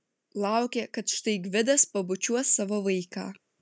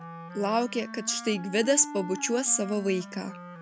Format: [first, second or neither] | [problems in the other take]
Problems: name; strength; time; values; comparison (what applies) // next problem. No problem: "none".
first | background sound (Wind instrument, woodwind instrument); 13 dB below the speech